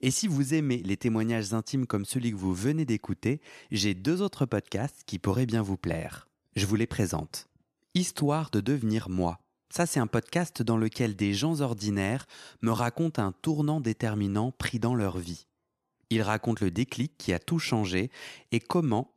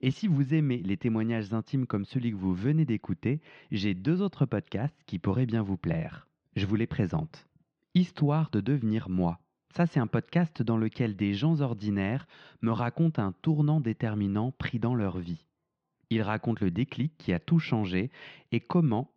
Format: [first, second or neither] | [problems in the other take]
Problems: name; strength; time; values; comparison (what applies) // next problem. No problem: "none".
first | muffled; slightly; fading above 3.5 kHz